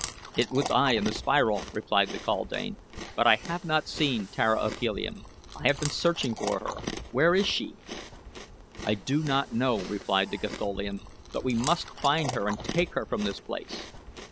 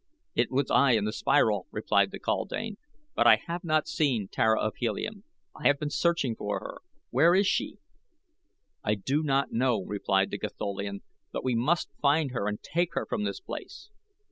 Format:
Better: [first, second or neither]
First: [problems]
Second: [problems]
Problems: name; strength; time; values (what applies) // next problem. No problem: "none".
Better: second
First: background sound (Chewing, mastication); 11 dB below the speech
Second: none